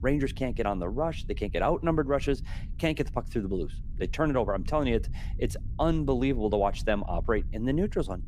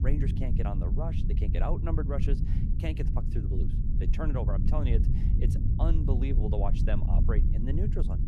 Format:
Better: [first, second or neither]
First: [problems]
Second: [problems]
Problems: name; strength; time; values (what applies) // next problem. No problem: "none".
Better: first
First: low rumble; faint; throughout; 25 dB below the speech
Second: low rumble; loud; throughout; 4 dB below the speech